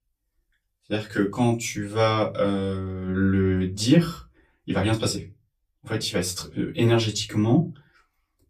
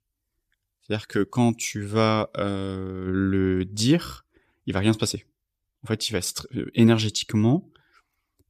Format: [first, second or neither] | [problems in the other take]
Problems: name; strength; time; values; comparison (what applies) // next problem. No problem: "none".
second | off-mic speech; far // room echo; very slight; dies away in 0.2 s